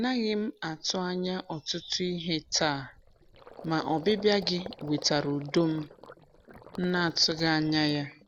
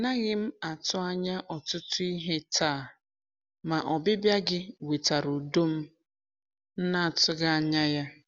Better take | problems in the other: second | background sound (Gurgling); 19 dB below the speech

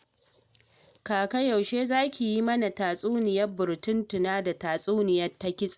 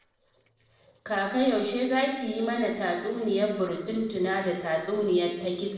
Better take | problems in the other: first | noise reduction (neural separator model SepFormer DNS4)

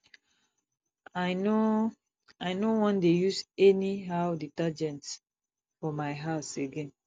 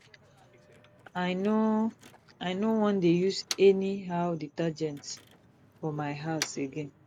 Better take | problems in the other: first | background sound (Motor vehicle (road)); 17 dB below the speech

